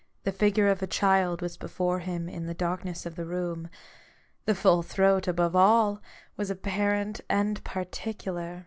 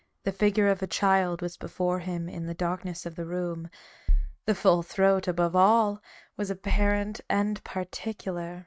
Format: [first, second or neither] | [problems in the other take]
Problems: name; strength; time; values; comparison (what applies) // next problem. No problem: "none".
first | noise reduction (neural mask model RNNoise)